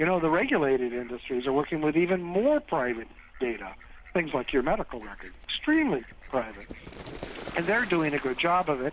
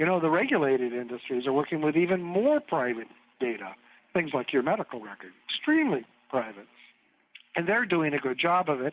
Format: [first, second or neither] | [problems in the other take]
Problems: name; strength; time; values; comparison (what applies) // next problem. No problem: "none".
second | background sound (Fowl); 16 dB below the speech